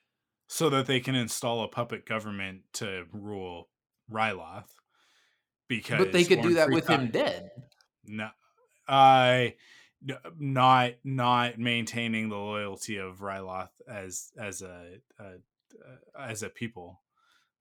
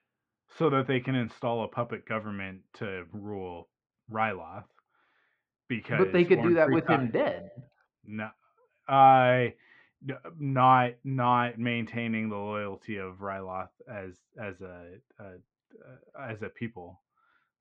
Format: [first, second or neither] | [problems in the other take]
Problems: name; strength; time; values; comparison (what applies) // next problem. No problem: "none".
first | muffled; very; fading above 2 kHz